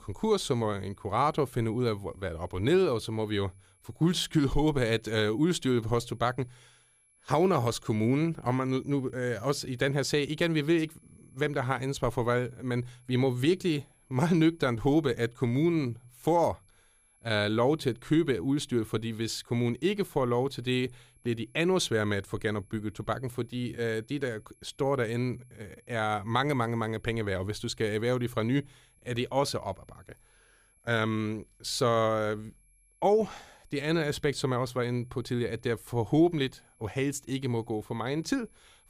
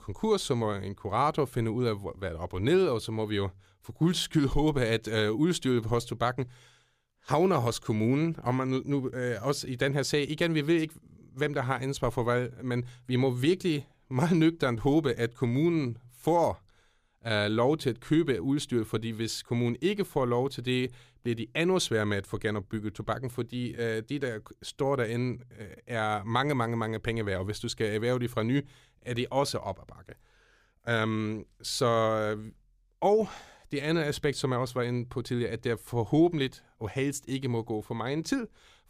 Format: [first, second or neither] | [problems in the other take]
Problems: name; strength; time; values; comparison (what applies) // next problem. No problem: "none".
second | high-pitched whine; faint; throughout; 11 kHz, 35 dB below the speech